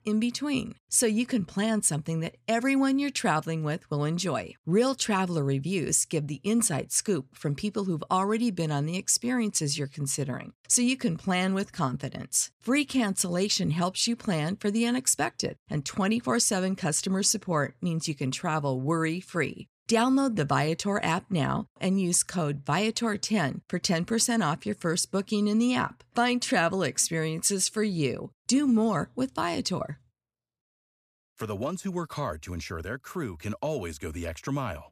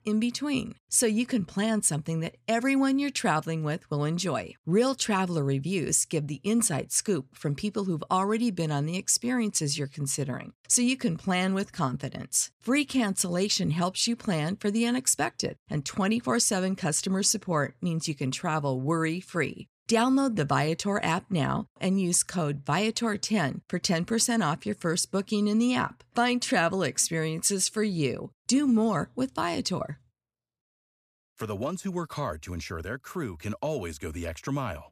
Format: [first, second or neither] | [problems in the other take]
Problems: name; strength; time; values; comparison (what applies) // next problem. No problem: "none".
neither | none